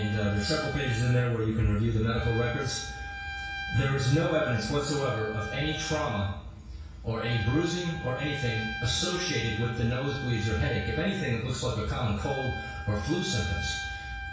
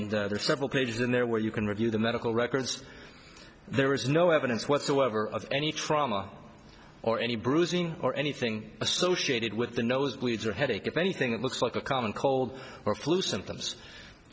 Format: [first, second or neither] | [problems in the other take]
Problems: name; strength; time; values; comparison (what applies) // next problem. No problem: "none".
second | background sound (Trumpet); 11 dB below the speech // room echo; dies away in 0.6 s